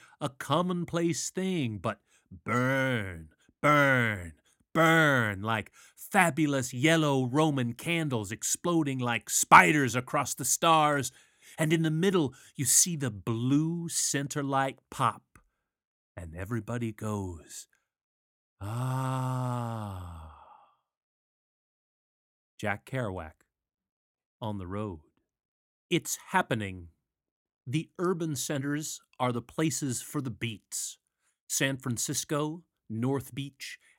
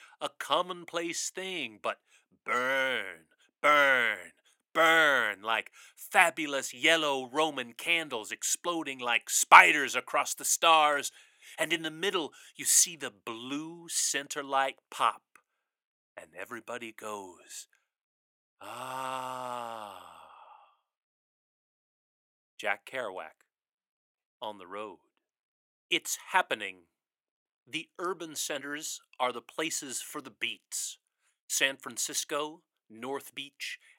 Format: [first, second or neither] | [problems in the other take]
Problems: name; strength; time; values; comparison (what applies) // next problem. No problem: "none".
first | thin; very; fading below 550 Hz